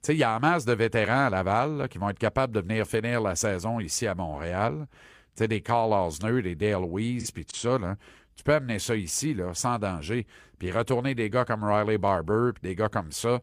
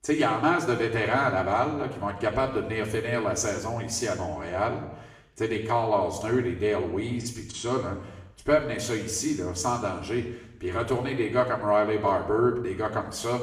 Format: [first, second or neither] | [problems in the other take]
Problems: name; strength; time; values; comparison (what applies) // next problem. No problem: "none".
first | room echo; slight; dies away in 0.8 s // off-mic speech; far